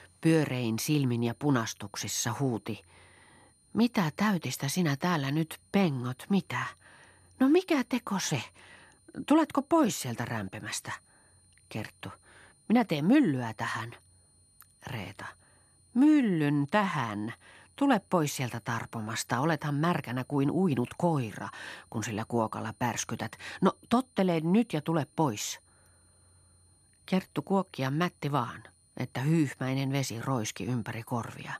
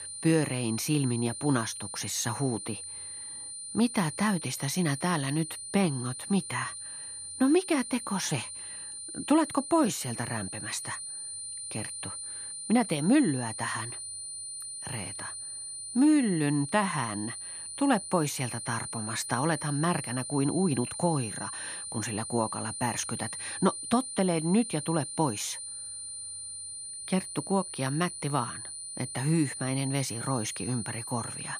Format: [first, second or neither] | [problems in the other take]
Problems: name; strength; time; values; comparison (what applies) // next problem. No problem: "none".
first | high-pitched whine; loud; throughout; 9.5 kHz, 7 dB below the speech; faint in the first